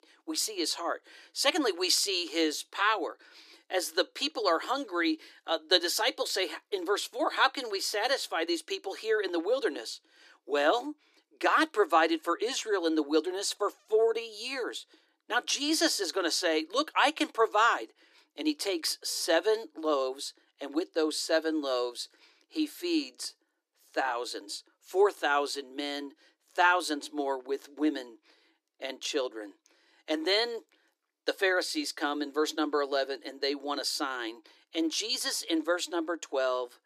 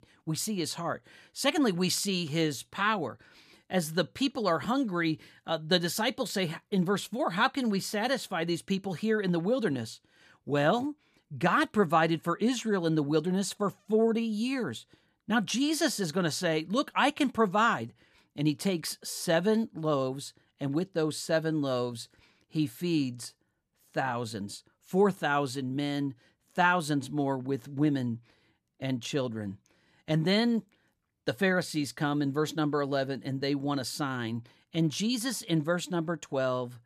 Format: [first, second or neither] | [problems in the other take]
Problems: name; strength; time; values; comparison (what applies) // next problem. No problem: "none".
second | thin; somewhat; fading below 300 Hz